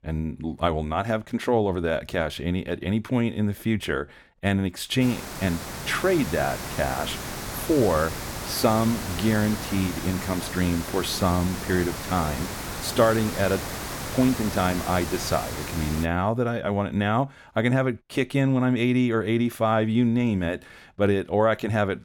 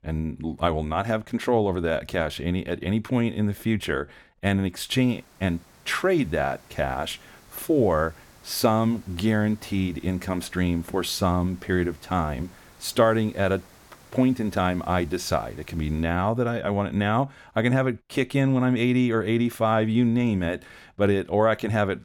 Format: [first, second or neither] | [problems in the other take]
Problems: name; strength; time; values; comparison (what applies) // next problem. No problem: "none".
second | hiss; loud; from 5 to 16 s; 8 dB below the speech; faint in the second